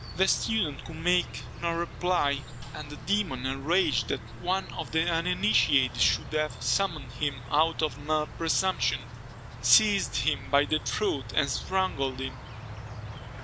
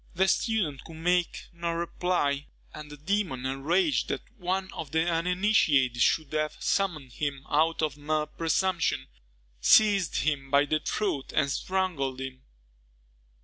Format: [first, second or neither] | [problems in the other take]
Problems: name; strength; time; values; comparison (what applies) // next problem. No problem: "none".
second | background sound (Insect); 11 dB below the speech